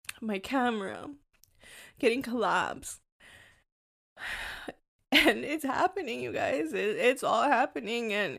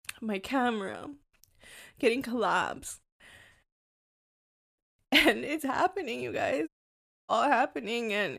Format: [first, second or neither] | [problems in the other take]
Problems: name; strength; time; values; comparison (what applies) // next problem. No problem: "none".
first | audio cutting out; at 4 s for 1 s and at 6.5 s for 0.5 s